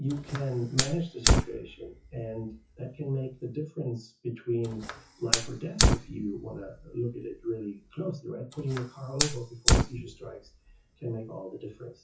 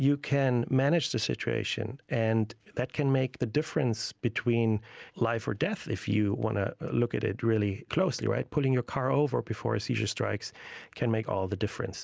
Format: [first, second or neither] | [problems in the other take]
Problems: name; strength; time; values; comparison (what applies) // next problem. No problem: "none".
second | noise reduction (classical method WPE with log-MMSE)